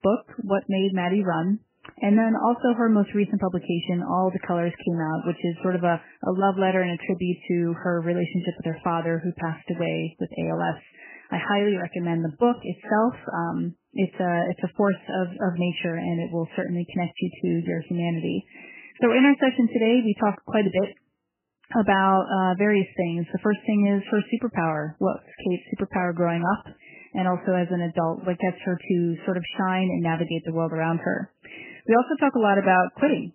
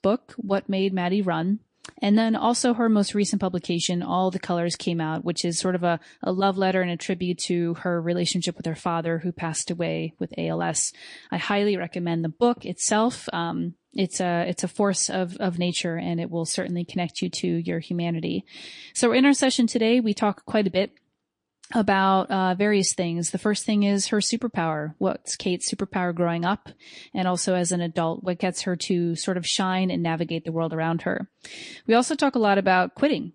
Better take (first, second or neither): second